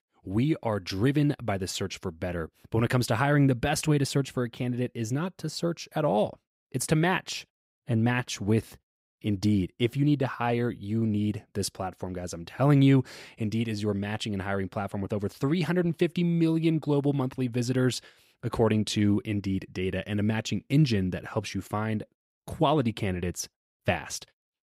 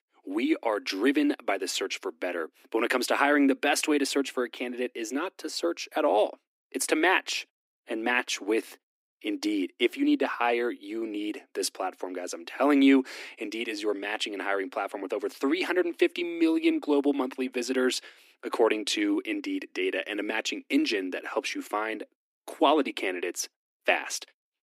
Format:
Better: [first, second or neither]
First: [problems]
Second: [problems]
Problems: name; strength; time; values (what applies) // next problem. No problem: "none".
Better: first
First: none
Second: thin; very slightly; fading below 250 Hz